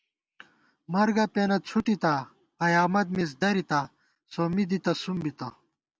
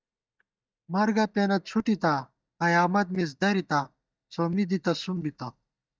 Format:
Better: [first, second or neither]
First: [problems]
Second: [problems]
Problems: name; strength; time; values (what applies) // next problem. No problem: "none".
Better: first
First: none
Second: noise reduction (neural mask model DeepFilterNet 3)